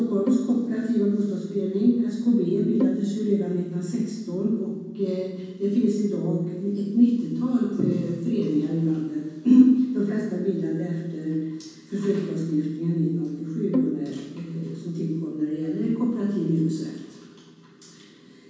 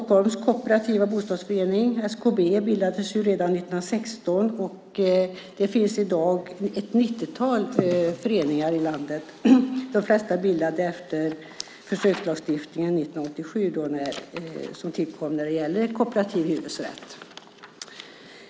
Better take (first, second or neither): second